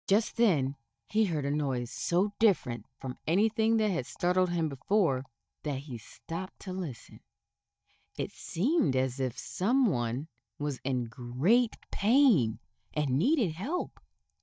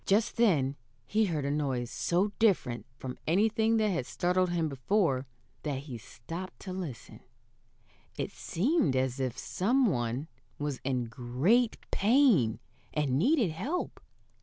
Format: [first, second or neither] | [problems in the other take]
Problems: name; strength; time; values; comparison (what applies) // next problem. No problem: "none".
second | noise reduction (neural mask model DeepFilterNet 3)